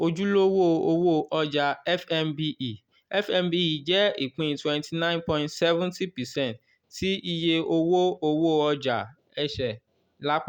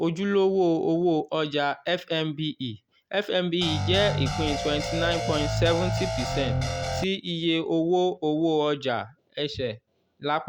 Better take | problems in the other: first | background sound (Guitar); 1 dB below the speech

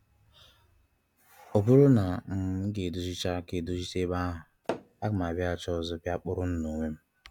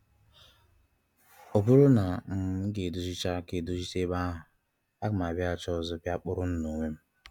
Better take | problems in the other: second | background sound (Tap / Hammer); 11 dB below the speech

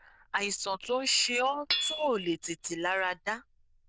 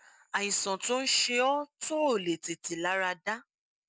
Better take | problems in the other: second | noise reduction (neural diffusion model UNIVERSE++)

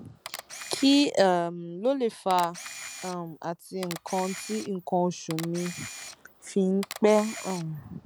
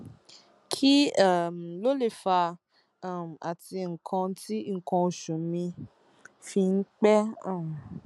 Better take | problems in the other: second | background sound (Camera); 15 dB below the speech

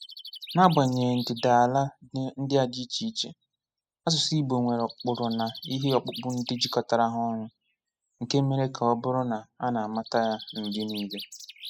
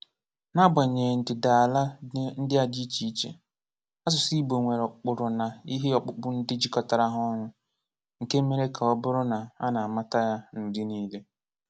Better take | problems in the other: second | noise reduction (classical method spectral subtraction)

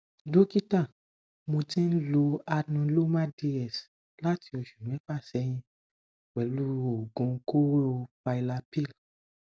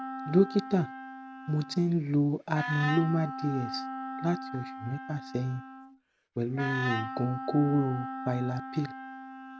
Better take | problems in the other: first | background sound (Wind instrument, woodwind instrument); 8 dB below the speech

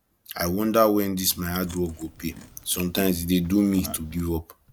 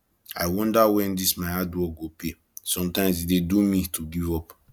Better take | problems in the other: second | background sound (Chewing, mastication); 17 dB below the speech

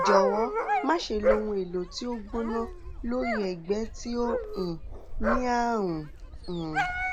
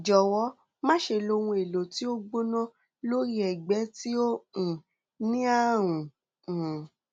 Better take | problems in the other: second | background sound (Dog); 1 dB below the speech

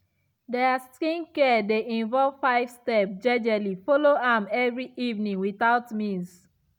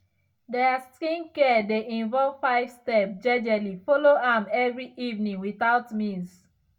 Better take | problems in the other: first | room echo; dies away in 0.2 s

